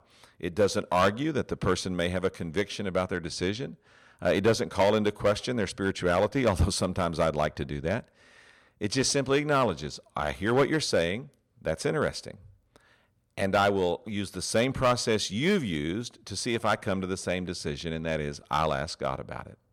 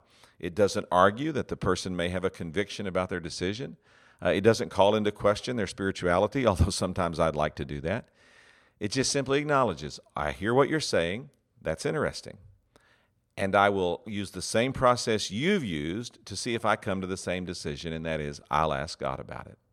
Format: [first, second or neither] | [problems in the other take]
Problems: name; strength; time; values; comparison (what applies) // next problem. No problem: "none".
second | distortion; slight; 2% of the sound clipped